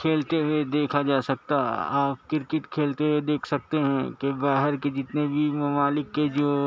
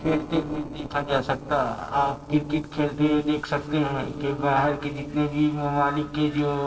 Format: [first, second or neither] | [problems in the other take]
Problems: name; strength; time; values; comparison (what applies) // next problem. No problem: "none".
first | noise reduction (neural separator model SepFormer DNS4)